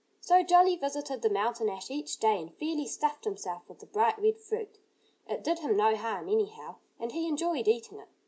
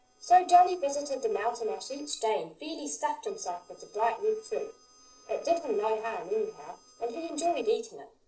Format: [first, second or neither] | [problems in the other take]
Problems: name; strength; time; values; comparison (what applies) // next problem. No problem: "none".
first | noise reduction (neural separator model SepFormer DNS4)